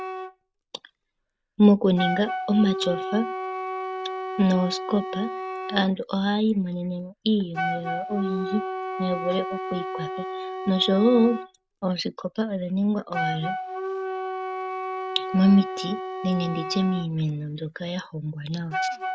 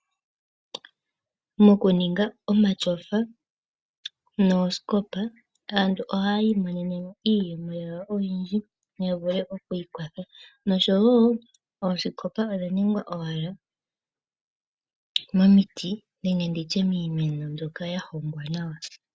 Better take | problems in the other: second | background sound (Wind instrument, woodwind instrument); 7 dB below the speech

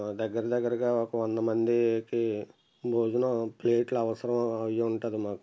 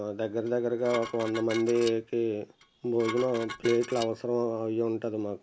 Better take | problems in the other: first | background sound (Dishes, pots, and pans); 13 dB below the speech

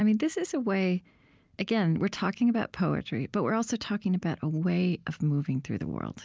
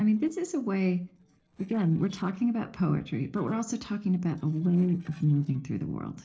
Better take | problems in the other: first | noise reduction (neural separator model SepFormer DNS4)

